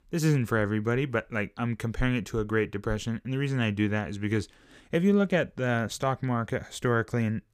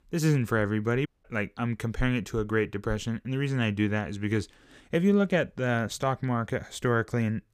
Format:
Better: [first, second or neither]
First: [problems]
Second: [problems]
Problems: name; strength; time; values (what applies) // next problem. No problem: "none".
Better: first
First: none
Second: audio cutting out; at 1 s